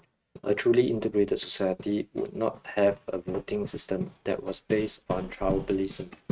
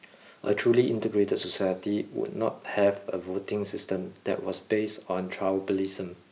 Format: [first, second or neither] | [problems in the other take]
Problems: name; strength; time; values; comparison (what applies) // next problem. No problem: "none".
second | noise reduction (neural mask model RNNoise)